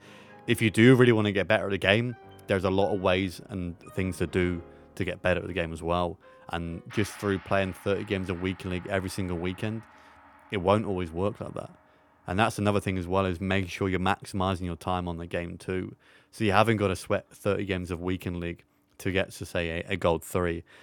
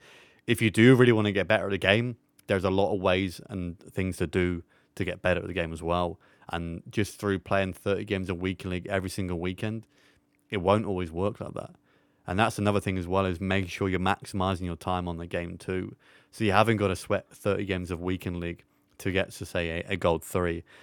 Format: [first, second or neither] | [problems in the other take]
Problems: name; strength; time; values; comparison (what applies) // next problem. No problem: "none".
second | background music; faint; throughout; 25 dB below the speech